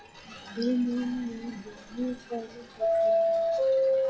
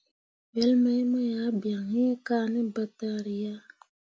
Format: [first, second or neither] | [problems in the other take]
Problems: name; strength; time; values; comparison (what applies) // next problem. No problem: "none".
second | noise reduction (classical method log-MMSE)